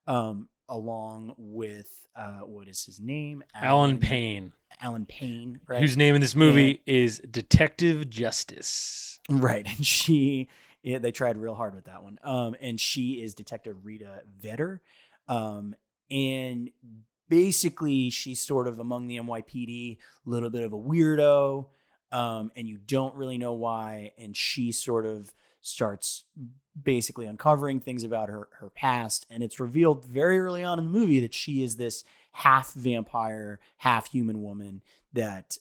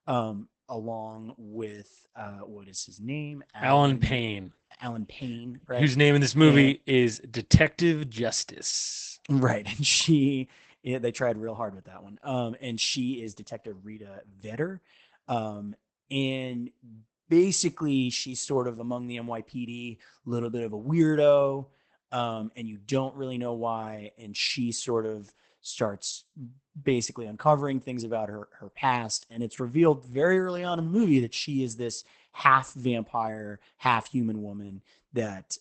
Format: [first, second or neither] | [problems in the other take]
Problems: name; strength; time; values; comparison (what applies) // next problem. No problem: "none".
first | garbled, watery; badly; nothing above 8 kHz; slightly in the first